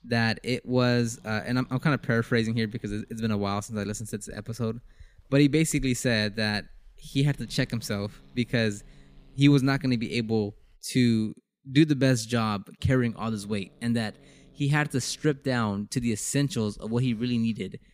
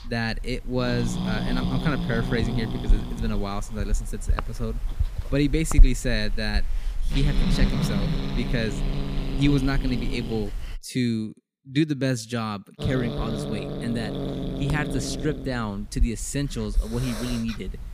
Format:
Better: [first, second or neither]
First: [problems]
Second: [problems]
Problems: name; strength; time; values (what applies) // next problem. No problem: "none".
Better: first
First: hiss; faint; until 11 s and from 13 s on; 30 dB below the speech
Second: hiss; loud; until 11 s and from 13 s on; 1 dB below the speech